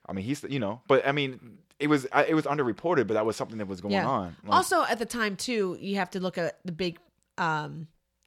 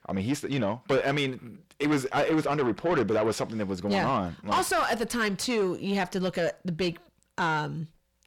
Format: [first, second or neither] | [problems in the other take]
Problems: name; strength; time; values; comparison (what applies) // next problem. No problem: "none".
first | distortion; heavy; 7 dB below the speech